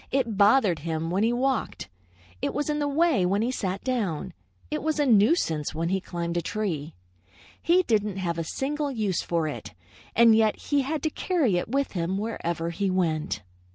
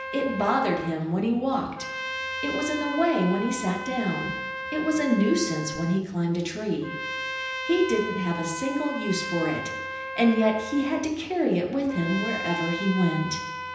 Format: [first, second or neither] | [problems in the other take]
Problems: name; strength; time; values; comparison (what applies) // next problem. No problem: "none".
first | background sound (Trumpet); 8 dB below the speech // room echo; dies away in 0.9 s